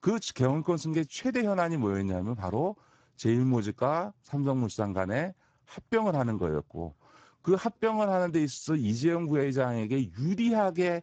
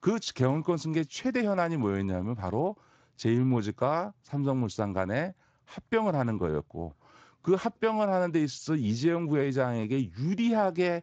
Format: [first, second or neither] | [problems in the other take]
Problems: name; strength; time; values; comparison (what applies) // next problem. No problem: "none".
second | garbled, watery; badly; nothing above 7.5 kHz; slightly in the second